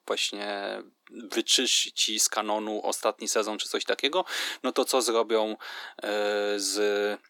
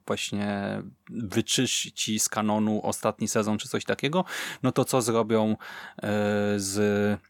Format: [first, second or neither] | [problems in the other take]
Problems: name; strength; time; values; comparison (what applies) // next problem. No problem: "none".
second | thin; somewhat; fading below 300 Hz